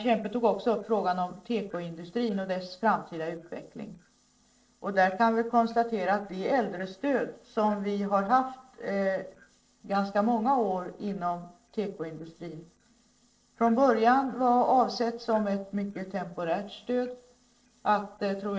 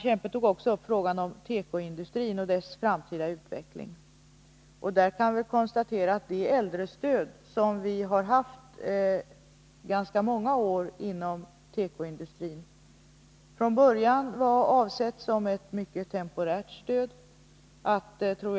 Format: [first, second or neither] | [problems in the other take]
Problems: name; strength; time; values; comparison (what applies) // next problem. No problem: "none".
second | noise reduction (neural separator model SepFormer DNS4)